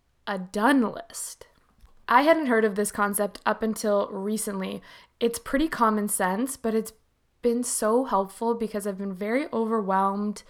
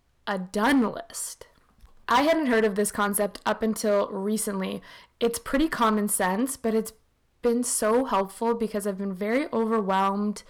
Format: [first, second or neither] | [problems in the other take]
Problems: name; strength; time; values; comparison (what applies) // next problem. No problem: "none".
first | distortion; slight; 4% of the sound clipped